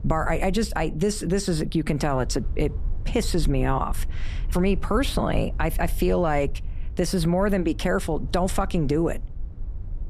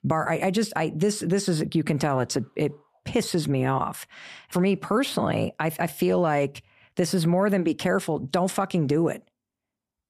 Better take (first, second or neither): second